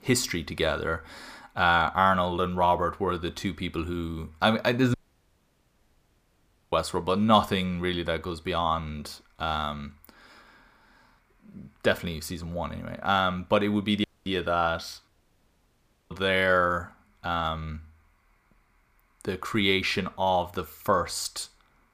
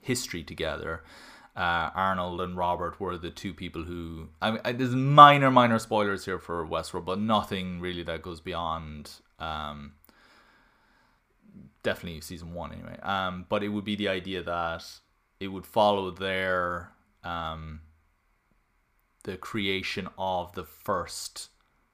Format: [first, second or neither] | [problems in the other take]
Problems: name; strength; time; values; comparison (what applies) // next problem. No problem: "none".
second | audio cutting out; at 5 s for 2 s, at 14 s and at 15 s for 1 s